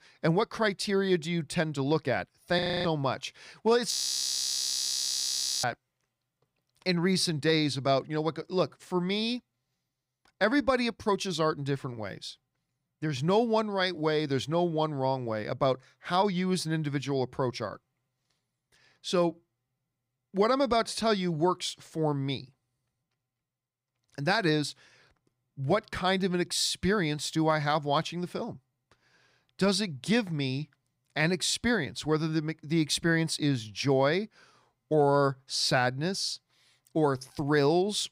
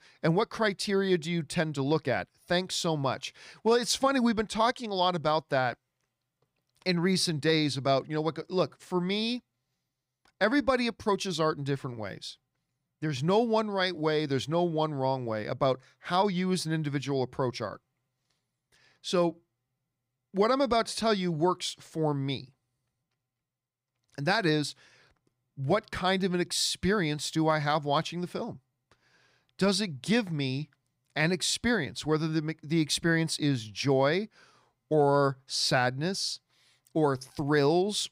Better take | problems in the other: second | audio freezing; at 2.5 s and at 4 s for 1.5 s

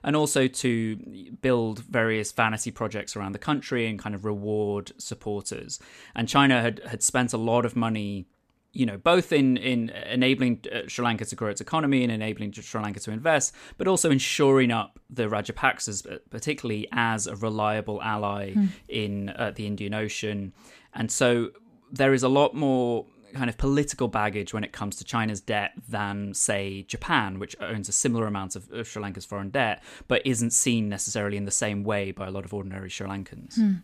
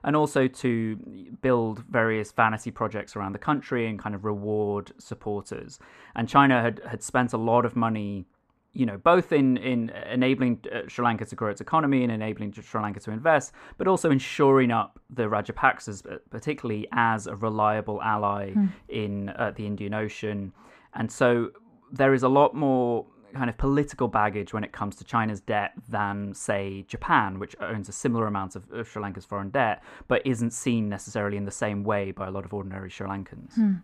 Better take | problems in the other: first | muffled; very; fading above 2.5 kHz

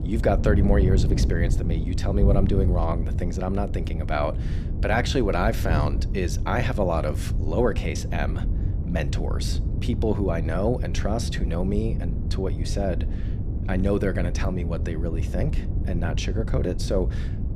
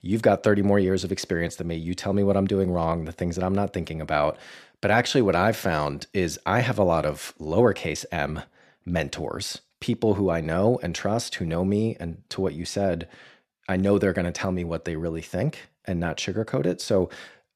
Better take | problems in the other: second | wind noise on the microphone; occasional gusts; 10 dB below the speech

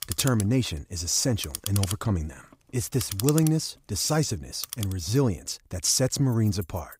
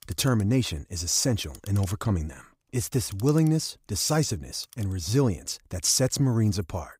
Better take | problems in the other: second | household noises; loud; throughout; 9 dB below the speech; faint in the second

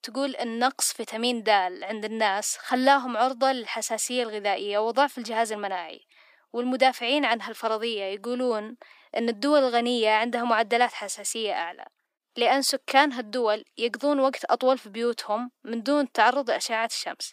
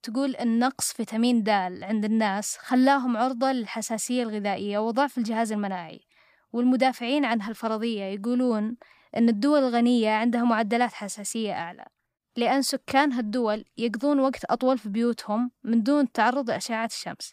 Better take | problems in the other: second | thin; somewhat; fading below 300 Hz

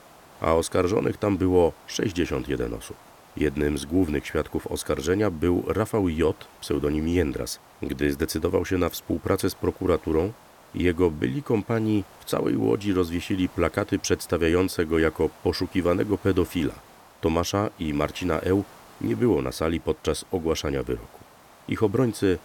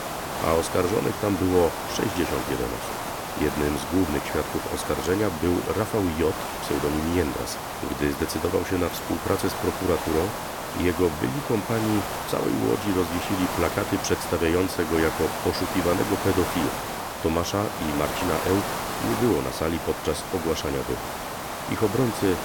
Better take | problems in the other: first | hiss; loud; throughout; 4 dB below the speech; faint in the first

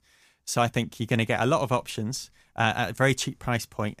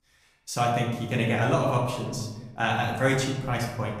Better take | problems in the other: first | room echo; noticeable; dies away in 1 s // off-mic speech; far

